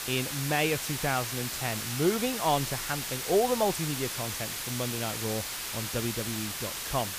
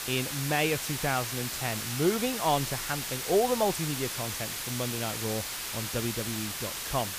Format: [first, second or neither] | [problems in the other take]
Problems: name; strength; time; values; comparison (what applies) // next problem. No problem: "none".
neither | hiss; loud; throughout; 2 dB below the speech; the same in both